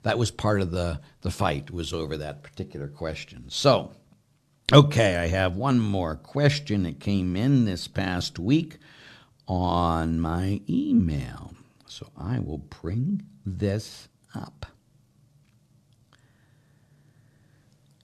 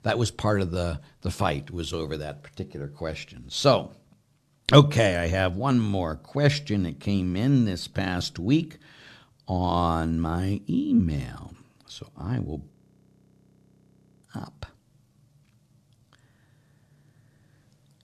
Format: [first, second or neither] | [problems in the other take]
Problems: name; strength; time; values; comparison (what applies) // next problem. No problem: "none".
first | audio freezing; at 13 s for 1.5 s